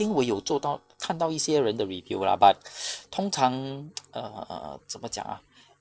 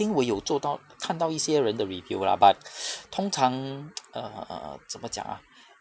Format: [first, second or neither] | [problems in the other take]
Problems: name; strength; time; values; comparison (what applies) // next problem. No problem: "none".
second | noise reduction (neural separator model SepFormer DNS4)